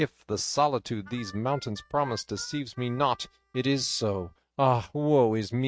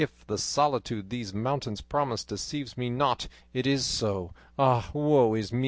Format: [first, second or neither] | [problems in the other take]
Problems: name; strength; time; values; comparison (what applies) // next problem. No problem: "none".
second | noise reduction (neural mask model RNNoise)